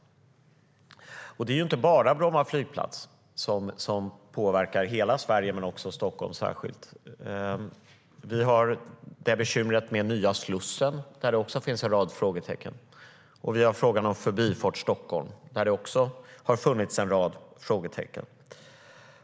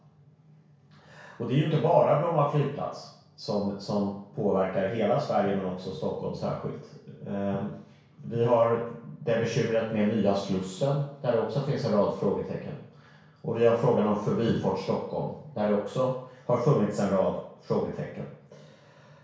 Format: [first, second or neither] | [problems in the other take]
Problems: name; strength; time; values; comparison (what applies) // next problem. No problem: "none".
first | room echo; dies away in 0.6 s